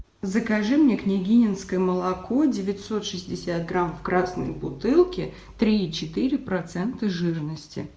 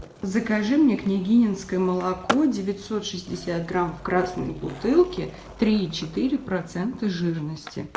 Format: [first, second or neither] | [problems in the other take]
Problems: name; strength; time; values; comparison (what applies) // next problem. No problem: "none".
first | background sound (Skateboard); 15 dB below the speech